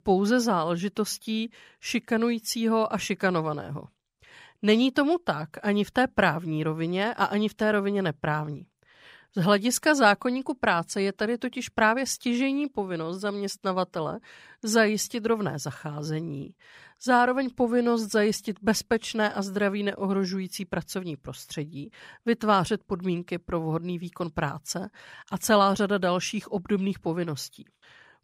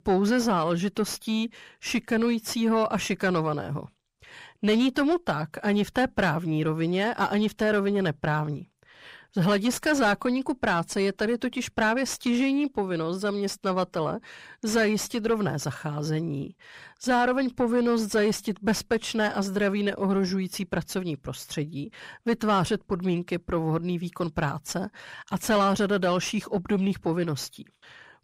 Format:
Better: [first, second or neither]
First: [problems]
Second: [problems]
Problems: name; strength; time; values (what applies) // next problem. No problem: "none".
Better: first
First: none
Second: distortion; slight; 10 dB below the speech